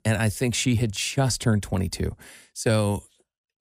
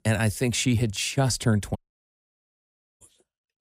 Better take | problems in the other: first | audio cutting out; at 2 s for 1 s

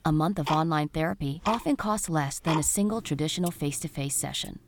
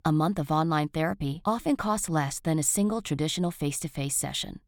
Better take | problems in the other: second | household noises; loud; throughout; 8 dB below the speech

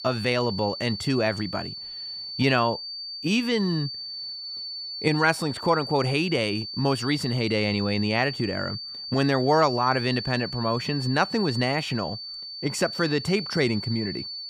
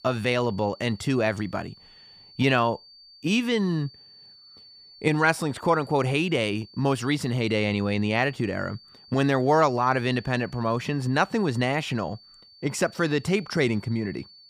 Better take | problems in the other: second | high-pitched whine; loud; throughout; 4.5 kHz, 8 dB below the speech; faint in the second

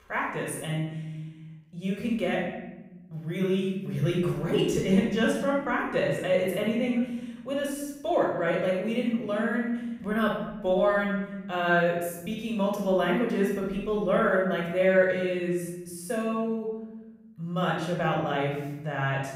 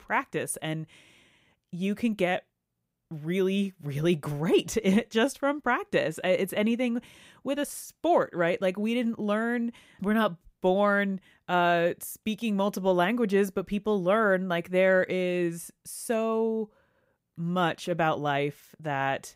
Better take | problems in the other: second | off-mic speech; far // room echo; noticeable; dies away in 1.4 s

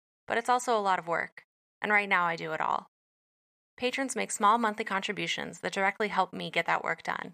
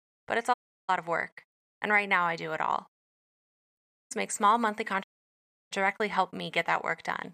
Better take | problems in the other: first | audio cutting out; at 0.5 s, at 4 s and at 5 s for 0.5 s

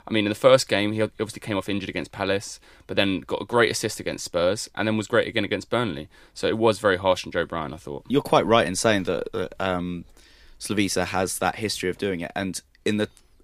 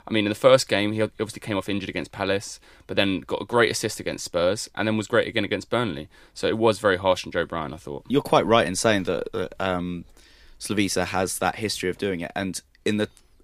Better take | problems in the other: neither | none

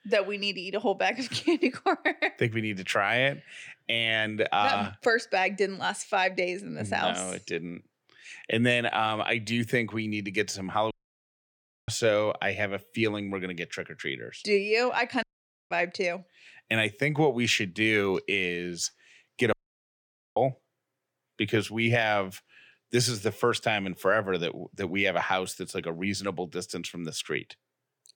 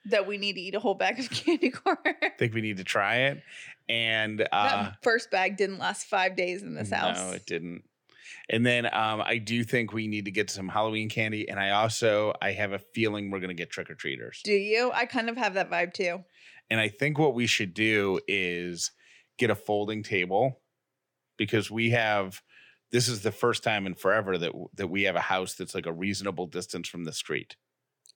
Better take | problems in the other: second | audio cutting out; at 11 s for 1 s, at 15 s and at 20 s for 1 s

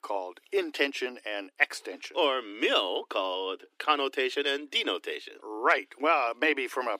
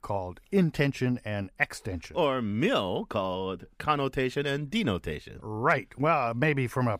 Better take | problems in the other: second | thin; somewhat; fading below 300 Hz

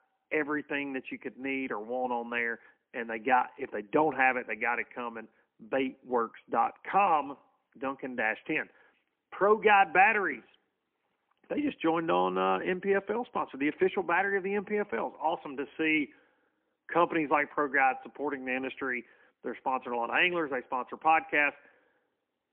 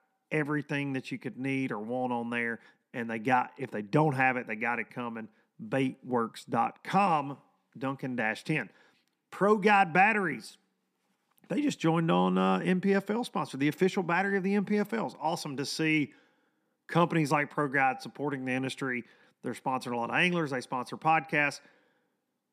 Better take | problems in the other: second | phone-call audio; poor line

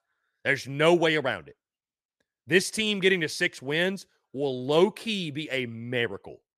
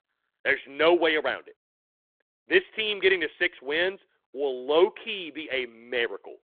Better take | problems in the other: first | phone-call audio; nothing above 3.5 kHz

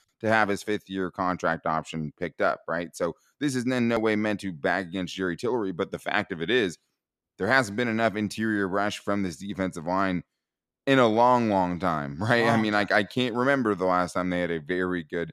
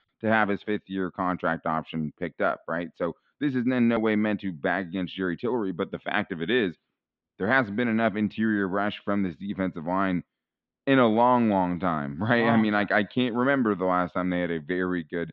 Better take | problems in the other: first | muffled; very; fading above 3.5 kHz

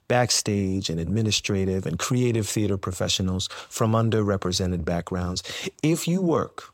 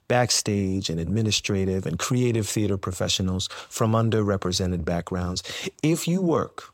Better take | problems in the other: neither | none

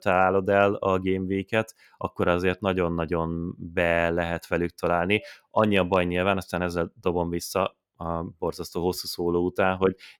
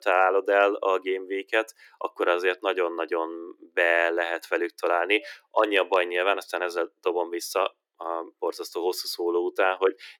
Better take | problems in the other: first | thin; very; fading below 300 Hz

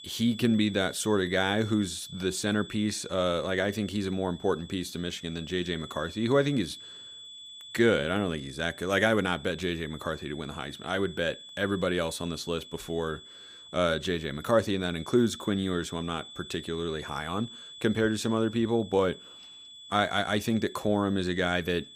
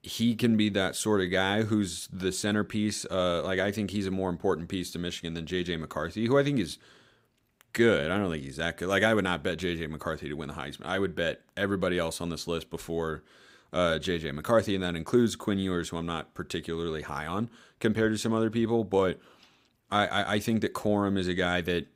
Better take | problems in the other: second | high-pitched whine; noticeable; throughout; 3.5 kHz, 15 dB below the speech

